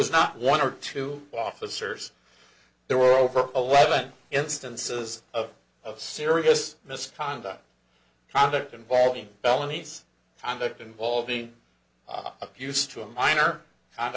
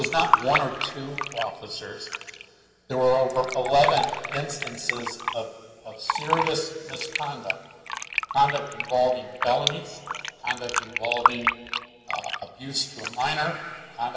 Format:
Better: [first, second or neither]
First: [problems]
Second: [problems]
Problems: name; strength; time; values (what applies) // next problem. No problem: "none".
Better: first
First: none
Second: background sound (Fill (with liquid)); 3 dB below the speech // room echo; dies away in 2.6 s